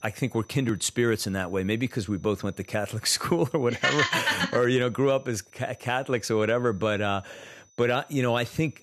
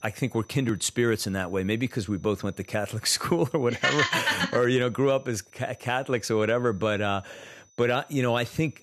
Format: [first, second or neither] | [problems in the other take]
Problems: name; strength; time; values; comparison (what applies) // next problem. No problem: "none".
neither | high-pitched whine; faint; throughout; 6 kHz, 30 dB below the speech; the same in both